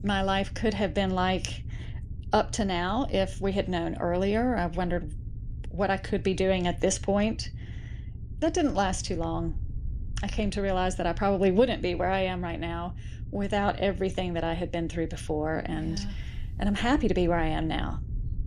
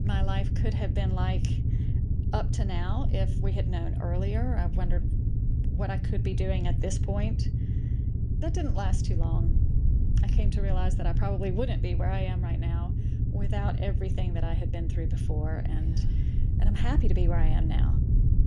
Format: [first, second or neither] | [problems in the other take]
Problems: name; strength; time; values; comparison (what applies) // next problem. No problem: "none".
first | low rumble; loud; throughout; 5 dB below the speech; faint in the first